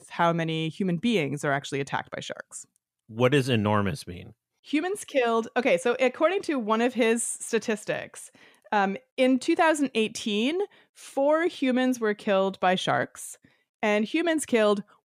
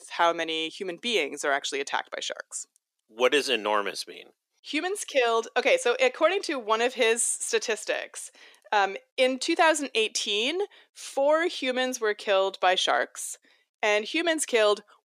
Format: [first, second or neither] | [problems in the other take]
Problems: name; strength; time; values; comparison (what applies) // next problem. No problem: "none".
first | thin; somewhat; fading below 350 Hz